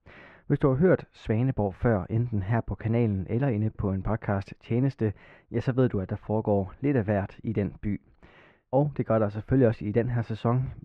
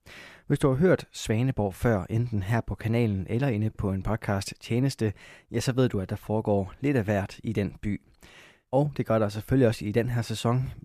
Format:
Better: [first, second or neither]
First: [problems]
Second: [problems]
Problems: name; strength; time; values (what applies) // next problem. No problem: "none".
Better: second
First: muffled; very; fading above 2 kHz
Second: none